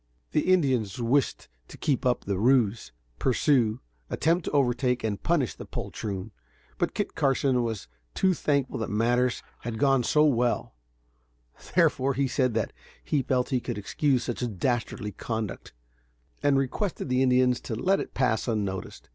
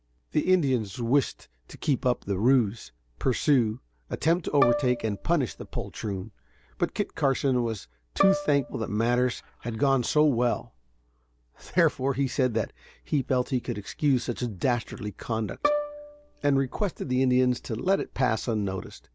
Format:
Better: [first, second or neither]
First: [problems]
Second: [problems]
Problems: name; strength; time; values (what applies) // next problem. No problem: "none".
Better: first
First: none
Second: background sound (Bowed string instrument); 8 dB below the speech